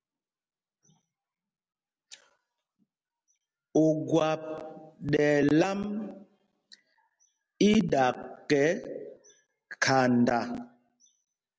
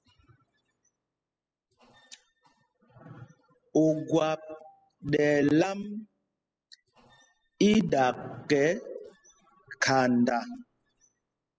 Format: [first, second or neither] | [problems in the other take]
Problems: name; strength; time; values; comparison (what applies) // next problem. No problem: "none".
first | noise reduction (classical method spectral subtraction)